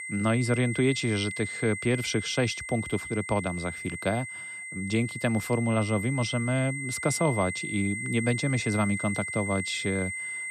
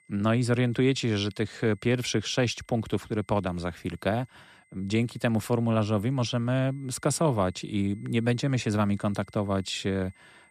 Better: second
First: high-pitched whine; loud; throughout; 2 kHz, 6 dB below the speech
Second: high-pitched whine; faint; throughout; 2 kHz, 35 dB below the speech

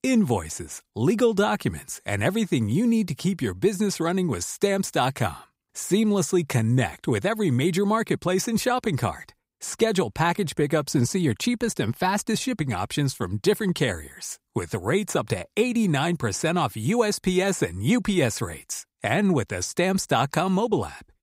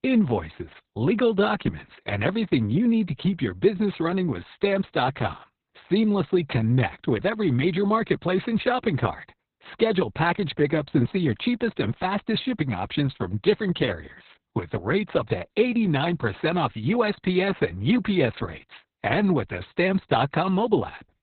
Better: first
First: none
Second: garbled, watery; badly; nothing above 4 kHz

